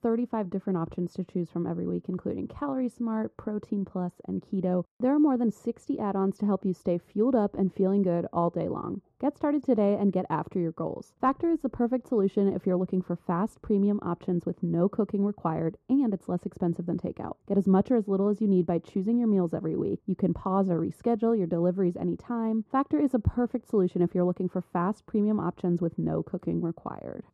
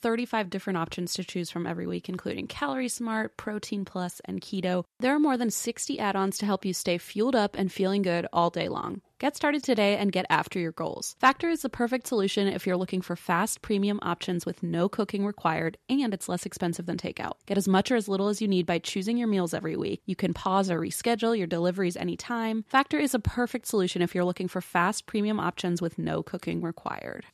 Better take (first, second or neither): second